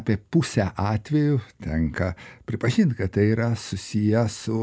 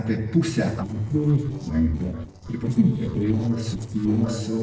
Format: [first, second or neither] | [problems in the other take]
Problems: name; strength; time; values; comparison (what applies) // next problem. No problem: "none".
first | noise reduction (neural separator model SepFormer DNS4)